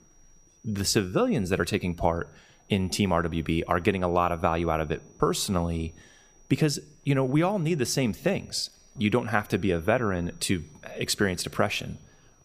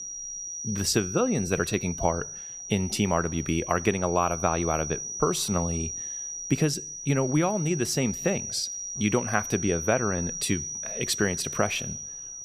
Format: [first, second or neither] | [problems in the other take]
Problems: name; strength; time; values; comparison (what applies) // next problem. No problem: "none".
first | high-pitched whine; loud; throughout; 6 kHz, 6 dB below the speech; faint in the first